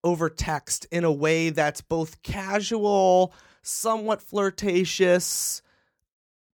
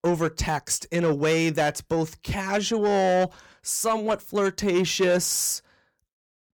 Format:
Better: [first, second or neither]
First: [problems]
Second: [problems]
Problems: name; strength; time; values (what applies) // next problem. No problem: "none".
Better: first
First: none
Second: distortion; slight; 10 dB below the speech